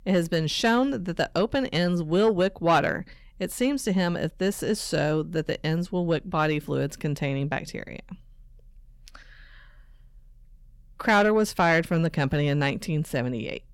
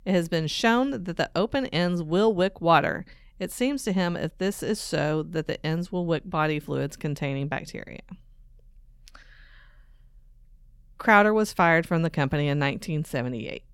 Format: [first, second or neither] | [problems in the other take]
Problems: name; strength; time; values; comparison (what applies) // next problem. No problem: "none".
second | distortion; slight; 10 dB below the speech